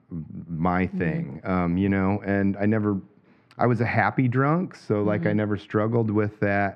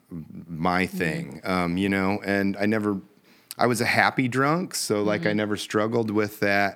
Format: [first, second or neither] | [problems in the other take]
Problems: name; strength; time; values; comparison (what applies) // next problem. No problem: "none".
second | muffled; very; fading above 2 kHz